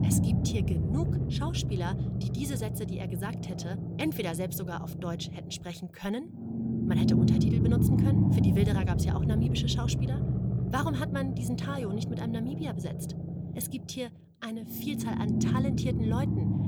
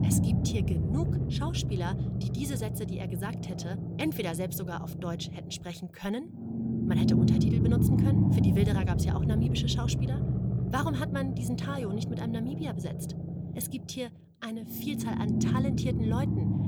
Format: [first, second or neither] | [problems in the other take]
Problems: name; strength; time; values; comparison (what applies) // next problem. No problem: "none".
neither | low rumble; loud; throughout; as loud as the speech; the same in both